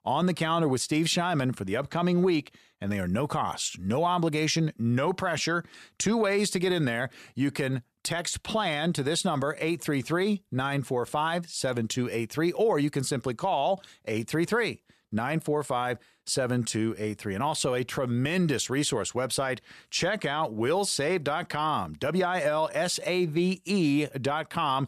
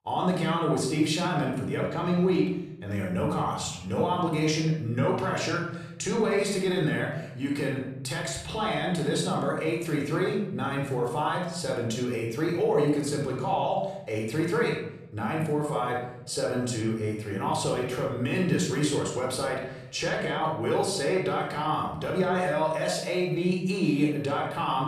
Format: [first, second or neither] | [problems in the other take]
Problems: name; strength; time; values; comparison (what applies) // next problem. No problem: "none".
first | off-mic speech; somewhat distant // room echo; noticeable; dies away in 1 s